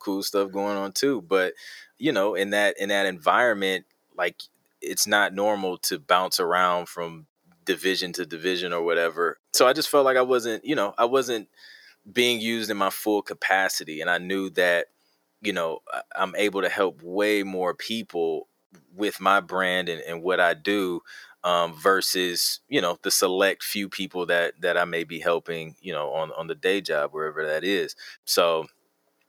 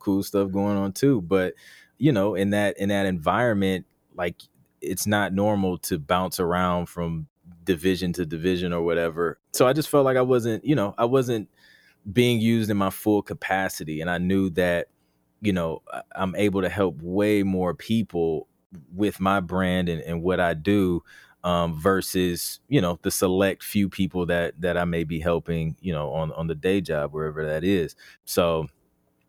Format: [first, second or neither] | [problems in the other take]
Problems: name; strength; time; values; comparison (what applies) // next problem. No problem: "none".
second | thin; somewhat; fading below 400 Hz